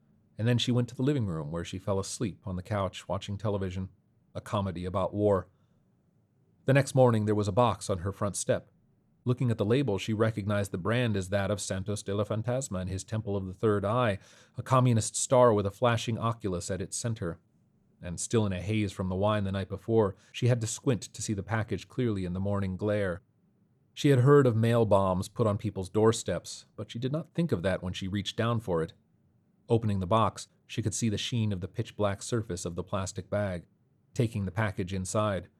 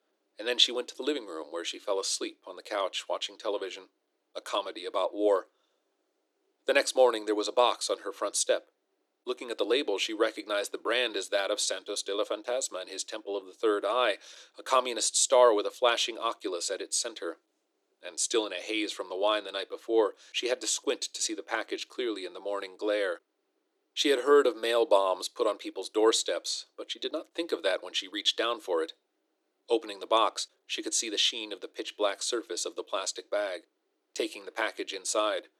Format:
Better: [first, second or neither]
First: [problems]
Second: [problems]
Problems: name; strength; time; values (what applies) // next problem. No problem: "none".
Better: first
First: none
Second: thin; very; fading below 300 Hz